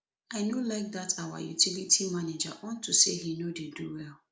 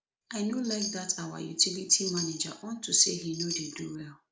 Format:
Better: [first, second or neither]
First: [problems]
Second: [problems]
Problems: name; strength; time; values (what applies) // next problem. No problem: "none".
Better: first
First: none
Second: background sound (Chime); 10 dB below the speech